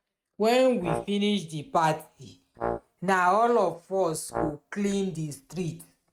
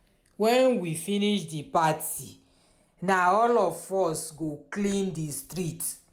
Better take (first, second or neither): second